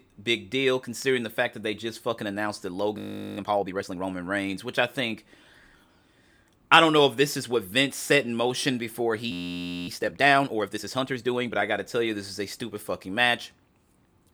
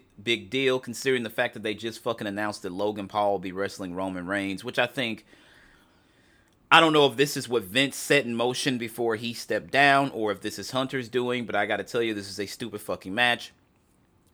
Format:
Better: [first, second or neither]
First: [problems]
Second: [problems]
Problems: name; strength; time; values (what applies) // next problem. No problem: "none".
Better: second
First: audio freezing; at 3 s and at 9.5 s for 0.5 s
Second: none